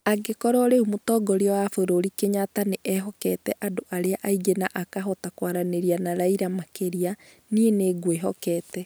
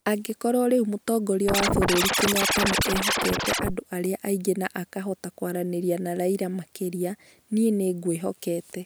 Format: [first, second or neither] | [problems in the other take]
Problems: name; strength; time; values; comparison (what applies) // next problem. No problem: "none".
first | background sound (Scratching (performance technique)); 2 dB above the speech